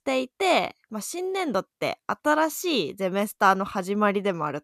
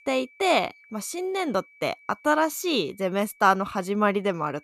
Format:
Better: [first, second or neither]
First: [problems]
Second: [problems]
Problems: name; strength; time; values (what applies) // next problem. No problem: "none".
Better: first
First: none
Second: high-pitched whine; faint; throughout; 2.5 kHz, 30 dB below the speech